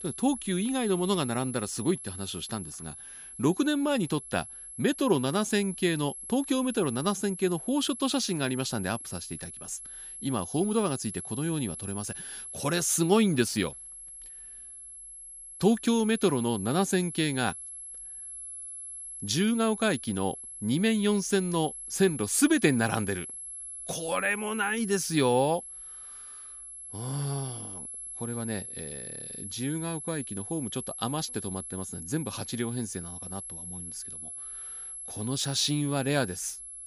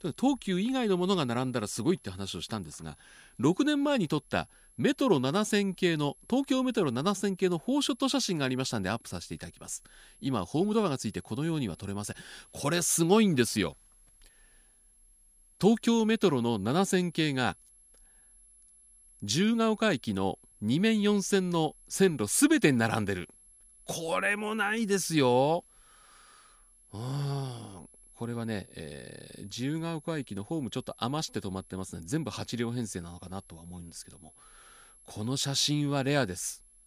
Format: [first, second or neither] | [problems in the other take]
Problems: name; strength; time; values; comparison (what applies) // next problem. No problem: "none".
second | high-pitched whine; loud; throughout; 11 kHz, 10 dB below the speech; faint in the second